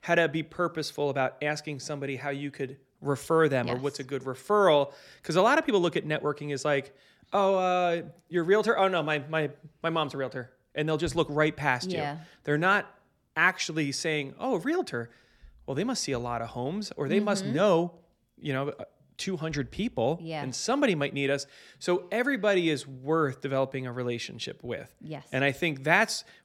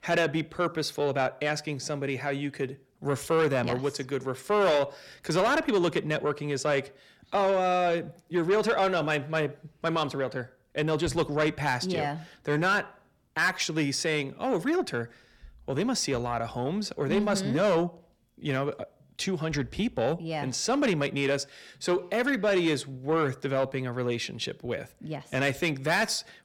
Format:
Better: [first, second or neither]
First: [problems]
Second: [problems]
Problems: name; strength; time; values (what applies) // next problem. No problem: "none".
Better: first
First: none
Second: distortion; slight; 10 dB below the speech